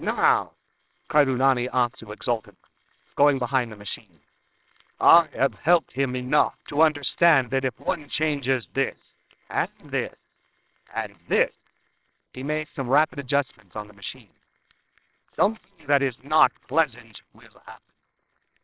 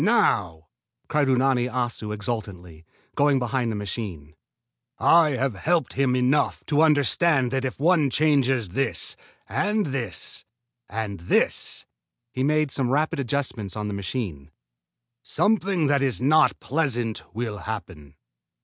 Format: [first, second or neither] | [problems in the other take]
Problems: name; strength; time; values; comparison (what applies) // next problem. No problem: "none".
second | noise reduction (neural separator model SepFormer WHAMR!)